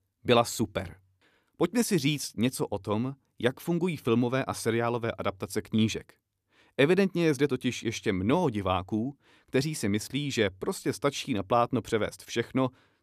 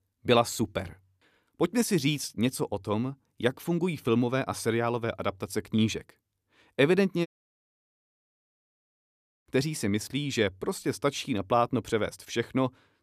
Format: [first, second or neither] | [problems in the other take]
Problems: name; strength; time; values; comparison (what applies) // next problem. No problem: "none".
first | audio cutting out; at 7.5 s for 2 s